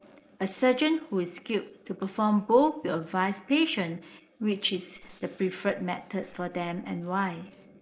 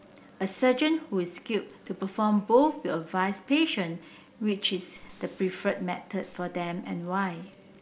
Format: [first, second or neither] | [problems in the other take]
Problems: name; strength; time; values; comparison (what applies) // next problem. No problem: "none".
second | noise reduction (neural mask model Resemble Enhance denoiser)